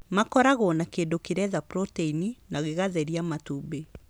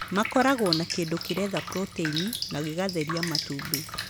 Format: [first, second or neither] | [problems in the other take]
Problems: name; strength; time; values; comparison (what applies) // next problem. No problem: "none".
first | background sound (Drip); 6 dB below the speech